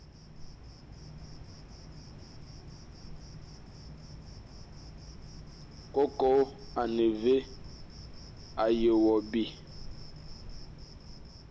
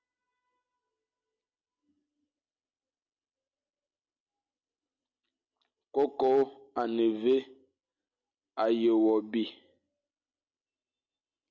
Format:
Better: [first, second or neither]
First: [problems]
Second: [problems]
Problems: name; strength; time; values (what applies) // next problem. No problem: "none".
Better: second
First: background sound (Cricket); 12 dB below the speech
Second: none